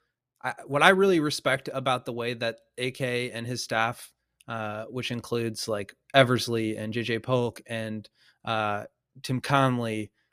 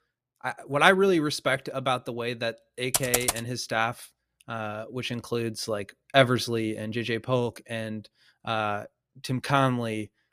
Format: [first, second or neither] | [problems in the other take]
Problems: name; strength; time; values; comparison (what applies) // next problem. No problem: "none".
first | keyboard typing; loud; at 3 s; peak 2 dB above the speech